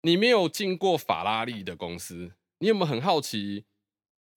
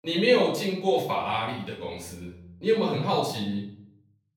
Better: first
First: none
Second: off-mic speech; far // room echo; noticeable; dies away in 0.6 s

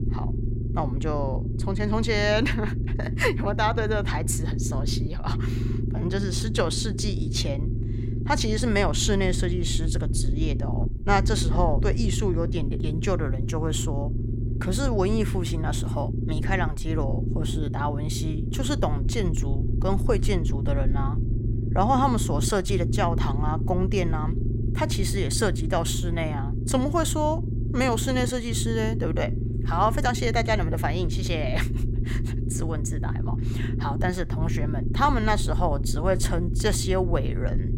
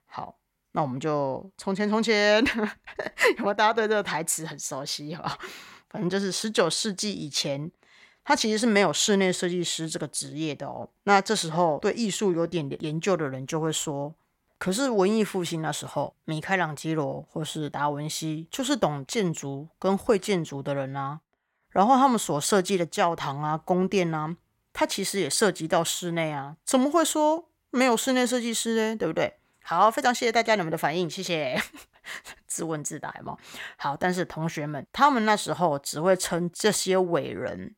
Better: second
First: low rumble; noticeable; throughout; 10 dB below the speech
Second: none

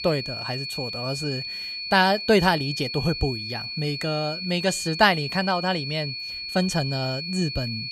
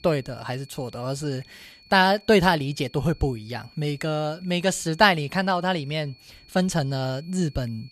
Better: second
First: high-pitched whine; loud; throughout; 4.5 kHz, 5 dB below the speech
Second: high-pitched whine; faint; throughout; 4.5 kHz, 25 dB below the speech

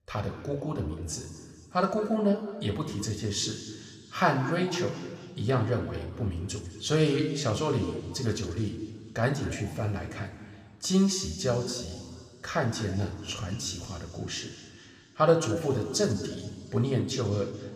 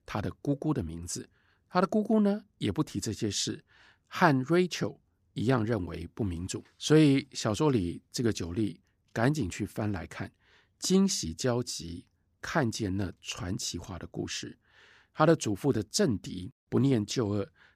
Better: second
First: room echo; slight; dies away in 2 s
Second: none

